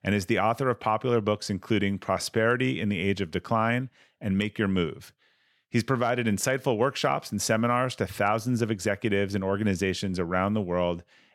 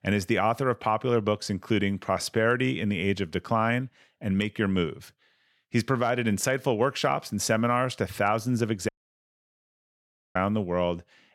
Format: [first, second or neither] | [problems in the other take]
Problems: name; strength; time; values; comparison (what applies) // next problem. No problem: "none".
first | audio cutting out; at 9 s for 1.5 s